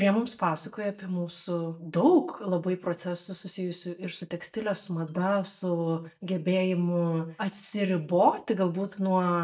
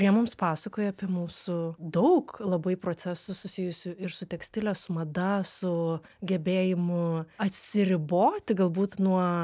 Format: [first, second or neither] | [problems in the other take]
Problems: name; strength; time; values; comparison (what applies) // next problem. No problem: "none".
second | noise reduction (neural mask model DeepFilterNet 3)